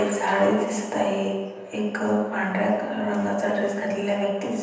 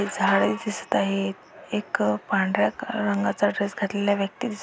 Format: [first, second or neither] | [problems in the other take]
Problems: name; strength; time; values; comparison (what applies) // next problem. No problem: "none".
second | room echo; dies away in 1.1 s